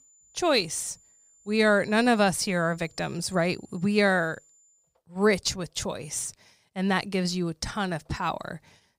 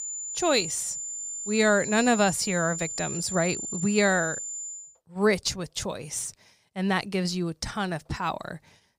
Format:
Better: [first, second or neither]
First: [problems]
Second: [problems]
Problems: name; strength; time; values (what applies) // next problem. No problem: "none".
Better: first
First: high-pitched whine; faint; until 5 s; 7 kHz, 30 dB below the speech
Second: high-pitched whine; loud; until 5 s; 7 kHz, 5 dB below the speech